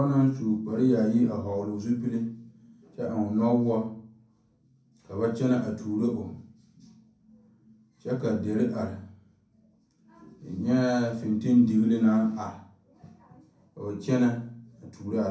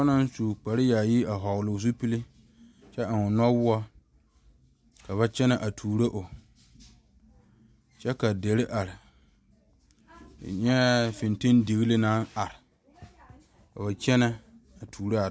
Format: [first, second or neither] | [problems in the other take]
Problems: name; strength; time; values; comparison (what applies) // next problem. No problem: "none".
second | room echo; dies away in 0.6 s